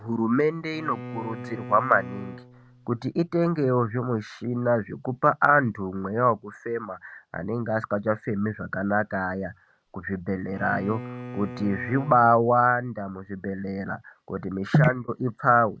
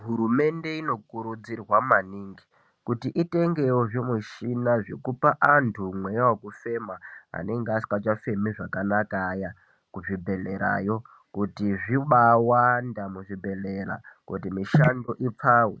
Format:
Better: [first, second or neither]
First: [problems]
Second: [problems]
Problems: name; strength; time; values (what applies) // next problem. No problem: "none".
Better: second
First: background sound (Bowed string instrument); 14 dB below the speech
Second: none